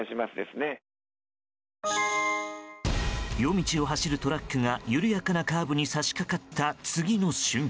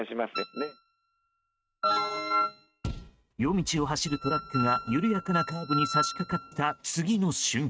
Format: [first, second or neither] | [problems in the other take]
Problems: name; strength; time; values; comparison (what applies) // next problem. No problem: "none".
first | noise reduction (neural mask model RNNoise)